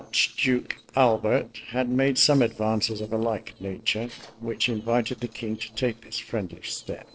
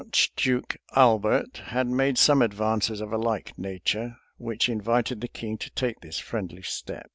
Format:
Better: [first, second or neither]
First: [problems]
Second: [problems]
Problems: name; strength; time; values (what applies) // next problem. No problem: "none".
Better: second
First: noise reduction (neural separator model SepFormer DNS4)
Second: none